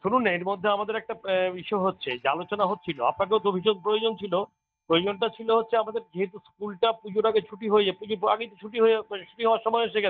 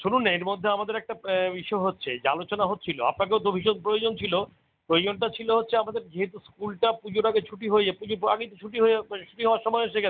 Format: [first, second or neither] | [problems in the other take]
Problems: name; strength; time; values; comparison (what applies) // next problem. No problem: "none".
second | noise reduction (neural mask model DeepFilterNet 3)